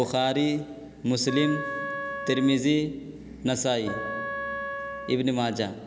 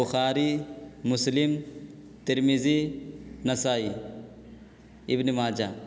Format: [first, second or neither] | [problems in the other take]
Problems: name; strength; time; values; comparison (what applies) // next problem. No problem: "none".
second | background sound (Wind instrument, woodwind instrument); 9 dB below the speech